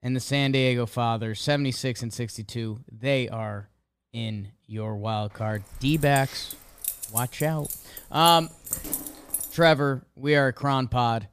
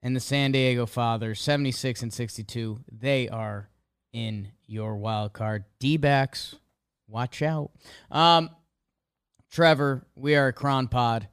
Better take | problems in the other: second | jangling keys; noticeable; from 5.5 to 9.5 s; peak 3 dB below the speech

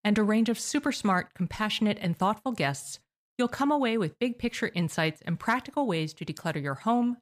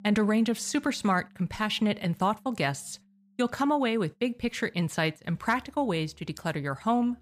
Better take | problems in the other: first | background music; faint; throughout; 30 dB below the speech

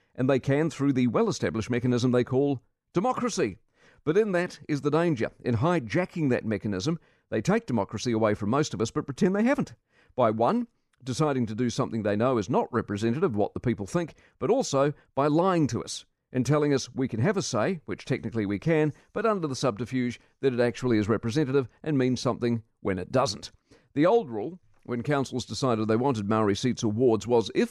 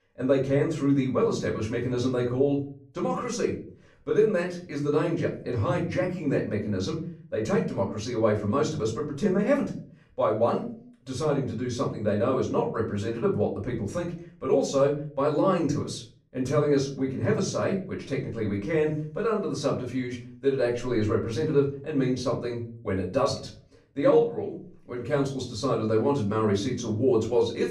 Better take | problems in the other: first | off-mic speech; far // room echo; slight; dies away in 0.4 s

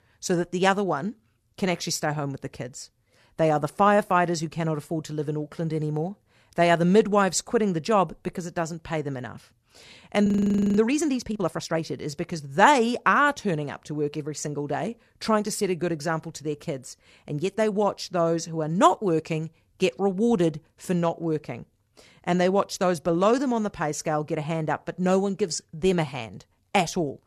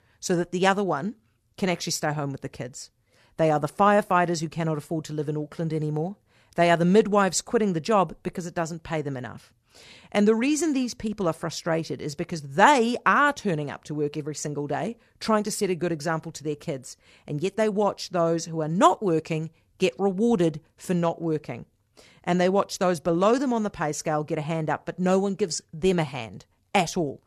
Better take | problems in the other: second | audio freezing; at 10 s for 0.5 s

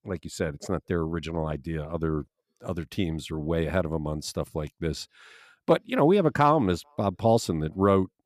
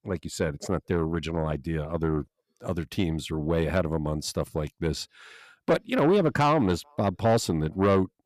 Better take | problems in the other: first | distortion; slight; 10 dB below the speech

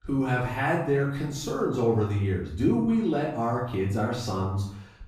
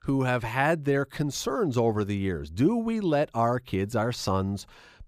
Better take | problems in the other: second | off-mic speech; far // room echo; noticeable; dies away in 0.6 s

